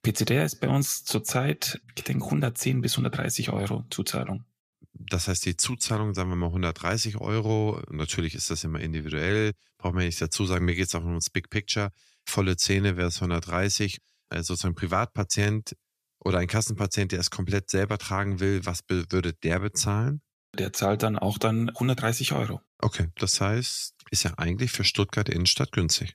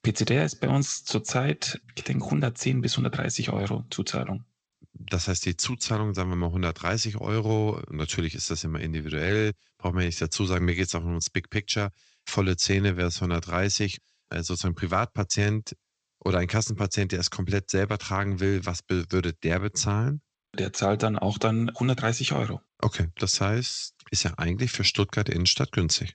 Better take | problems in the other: first | garbled, watery; slightly; nothing above 7.5 kHz

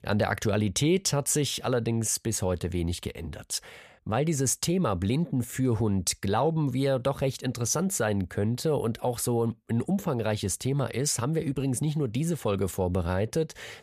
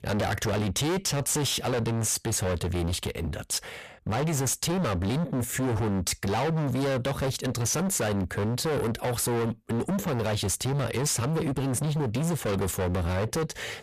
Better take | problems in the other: first | distortion; heavy; 38% of the sound clipped

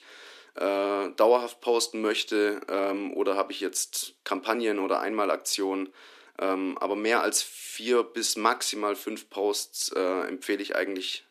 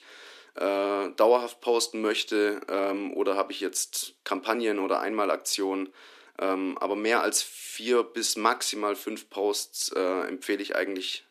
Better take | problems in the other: neither | thin; somewhat; fading below 300 Hz; the same in both

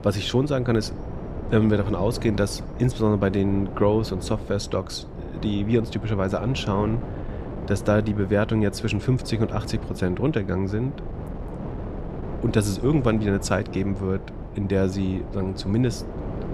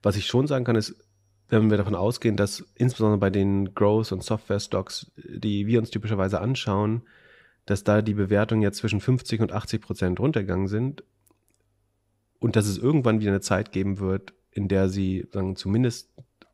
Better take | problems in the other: second | wind noise on the microphone; occasional gusts; 10 dB below the speech

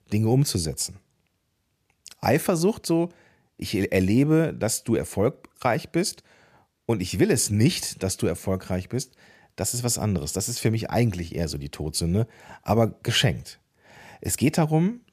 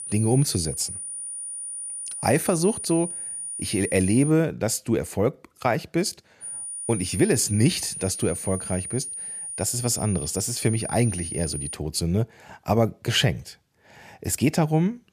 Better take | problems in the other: first | high-pitched whine; loud; until 4.5 s and from 6.5 to 12 s; 9.5 kHz, 7 dB below the speech

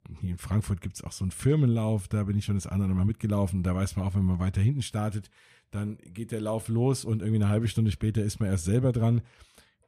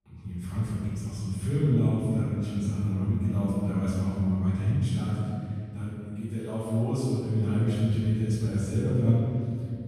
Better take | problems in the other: first | off-mic speech; far // room echo; strong; dies away in 2.4 s

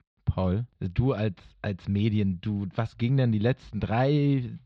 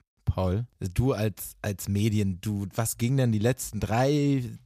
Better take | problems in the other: second | muffled; slightly; fading above 4 kHz

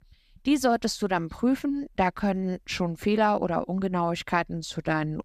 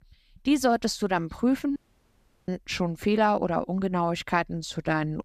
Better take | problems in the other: first | audio cutting out; at 2 s for 0.5 s

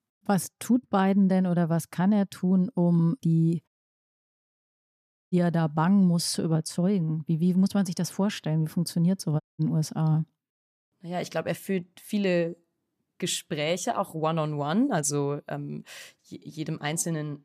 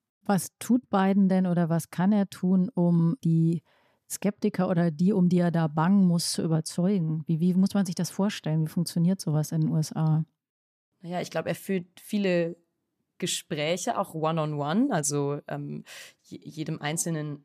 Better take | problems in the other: second | audio cutting out; at 3.5 s for 1.5 s and at 9.5 s

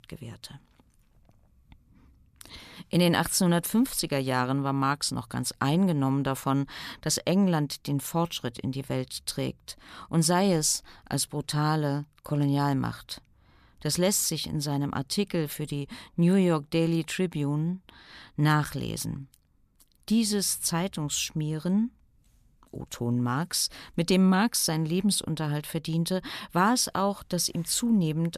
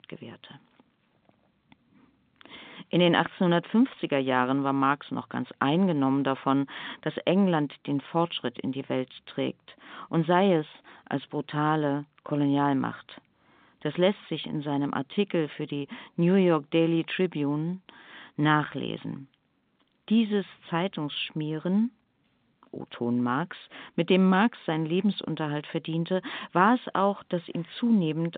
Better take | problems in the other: first | phone-call audio

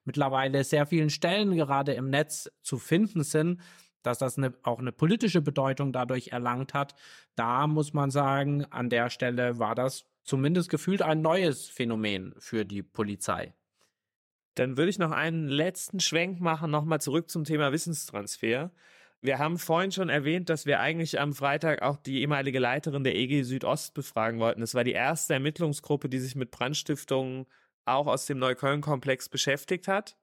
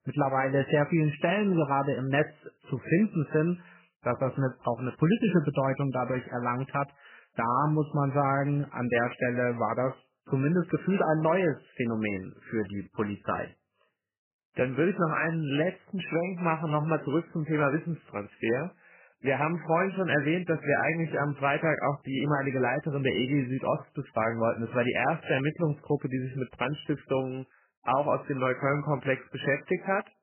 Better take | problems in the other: first | garbled, watery; badly; nothing above 3 kHz

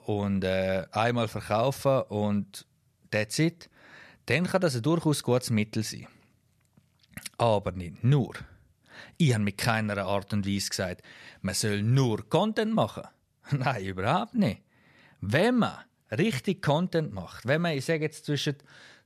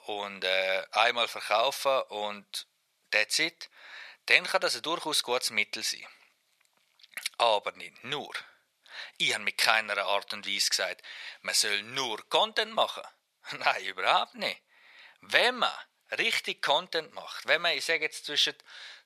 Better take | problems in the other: first | thin; very; fading below 800 Hz

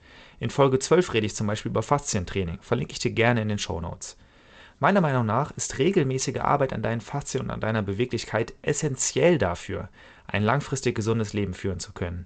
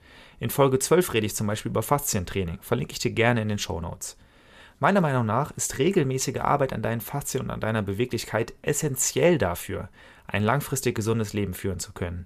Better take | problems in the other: second | garbled, watery; slightly; nothing above 8 kHz

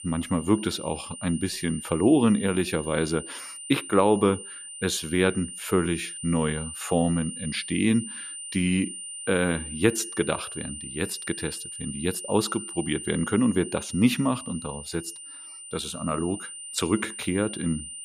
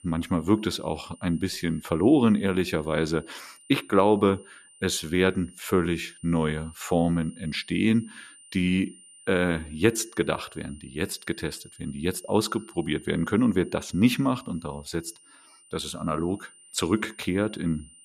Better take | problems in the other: second | high-pitched whine; loud; throughout; 9 kHz, 10 dB below the speech; faint in the second

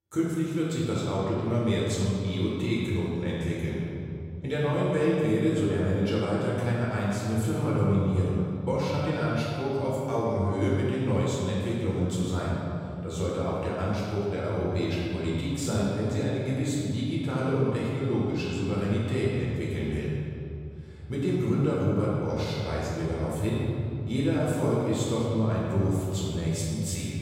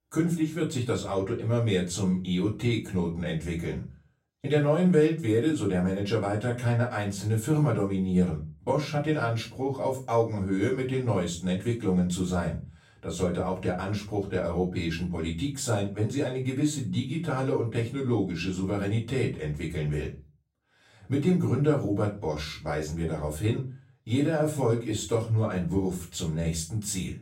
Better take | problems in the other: second | room echo; strong; dies away in 2.8 s; slight in the second // off-mic speech; far; far in the second

